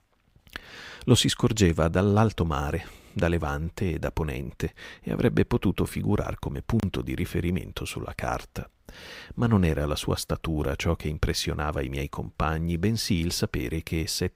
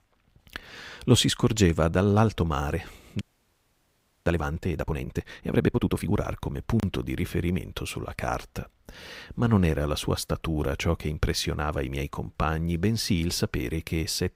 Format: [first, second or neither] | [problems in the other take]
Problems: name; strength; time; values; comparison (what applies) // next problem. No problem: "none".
first | audio freezing; at 3 s for 1 s